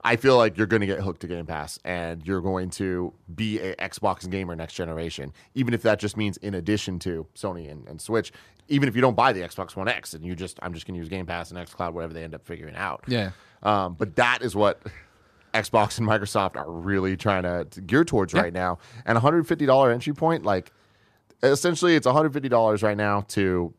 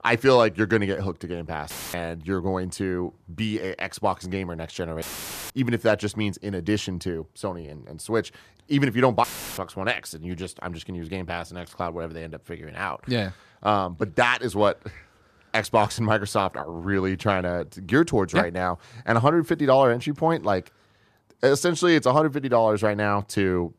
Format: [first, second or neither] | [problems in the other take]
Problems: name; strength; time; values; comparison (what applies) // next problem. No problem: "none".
first | audio cutting out; filled with static; at 1.5 s, at 5 s and at 9 s